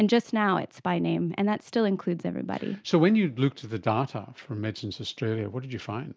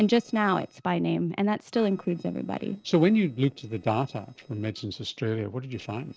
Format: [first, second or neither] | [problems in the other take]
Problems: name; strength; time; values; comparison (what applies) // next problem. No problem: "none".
first | noise reduction (neural separator model SepFormer DNS4)